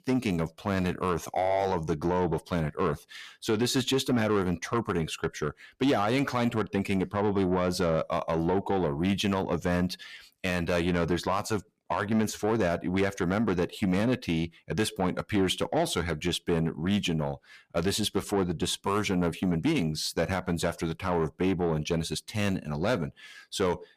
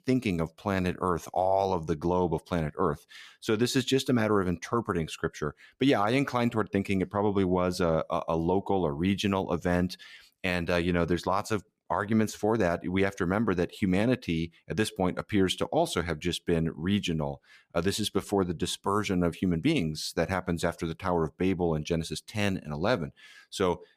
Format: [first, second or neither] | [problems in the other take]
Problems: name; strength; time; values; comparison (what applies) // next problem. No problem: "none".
second | distortion; slight; 10 dB below the speech